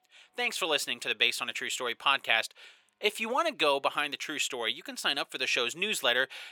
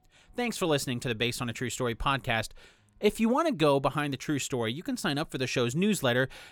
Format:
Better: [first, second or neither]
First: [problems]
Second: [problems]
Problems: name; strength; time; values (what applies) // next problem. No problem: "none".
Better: second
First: thin; very; fading below 550 Hz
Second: none